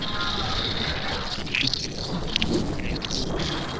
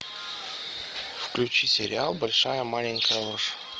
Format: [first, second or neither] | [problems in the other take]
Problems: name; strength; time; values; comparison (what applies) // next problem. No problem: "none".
second | noise reduction (neural separator model SepFormer DNS4)